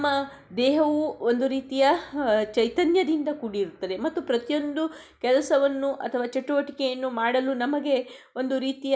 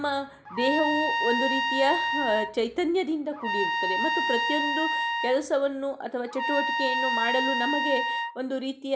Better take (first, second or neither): first